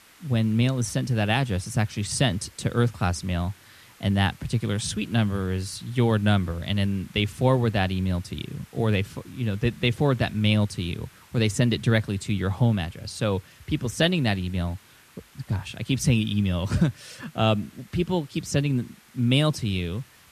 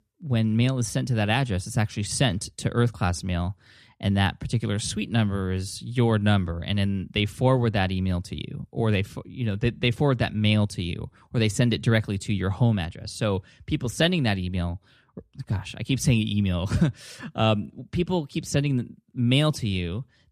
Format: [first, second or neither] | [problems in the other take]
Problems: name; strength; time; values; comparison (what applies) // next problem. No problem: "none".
second | hiss; faint; throughout; 25 dB below the speech